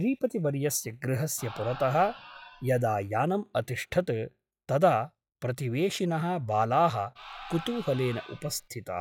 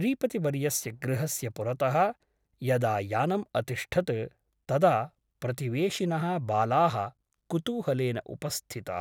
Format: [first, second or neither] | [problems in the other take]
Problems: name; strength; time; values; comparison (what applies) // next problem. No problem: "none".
second | noise reduction (classical method log-MMSE)